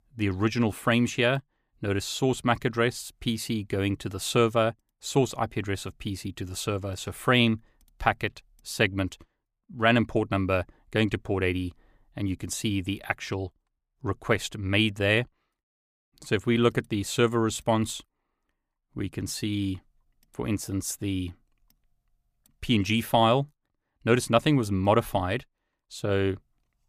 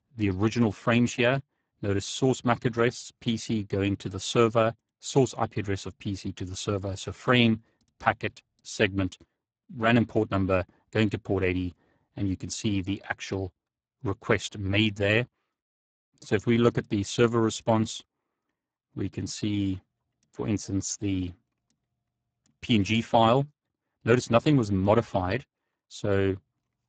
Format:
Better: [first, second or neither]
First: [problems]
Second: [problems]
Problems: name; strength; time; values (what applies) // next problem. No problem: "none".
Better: first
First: none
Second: garbled, watery; badly; nothing above 7.5 kHz